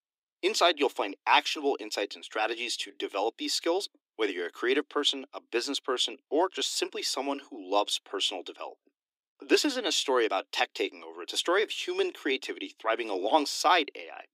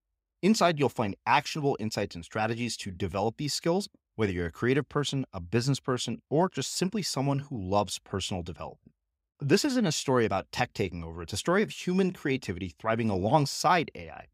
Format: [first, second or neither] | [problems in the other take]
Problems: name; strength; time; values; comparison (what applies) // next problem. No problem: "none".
second | thin; somewhat; fading below 300 Hz